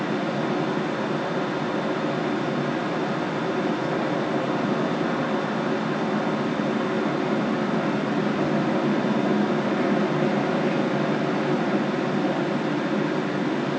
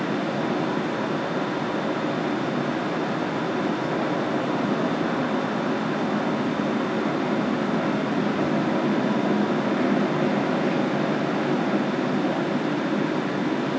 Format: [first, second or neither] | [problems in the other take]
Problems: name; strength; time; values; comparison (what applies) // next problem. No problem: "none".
second | room echo; dies away in 0.2 s